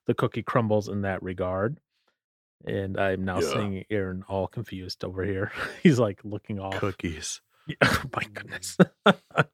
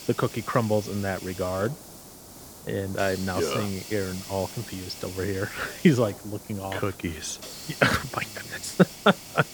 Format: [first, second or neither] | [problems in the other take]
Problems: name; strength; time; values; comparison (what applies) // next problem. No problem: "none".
first | hiss; noticeable; throughout; 10 dB below the speech